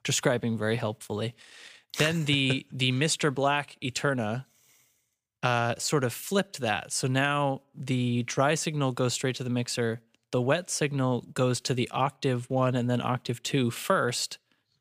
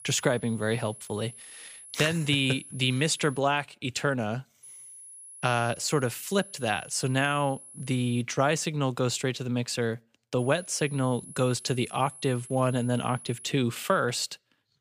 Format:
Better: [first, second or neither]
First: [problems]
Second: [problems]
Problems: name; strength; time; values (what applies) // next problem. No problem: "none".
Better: first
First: none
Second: high-pitched whine; noticeable; until 3.5 s, from 4.5 to 8 s and from 10 to 13 s; 10.5 kHz, 15 dB below the speech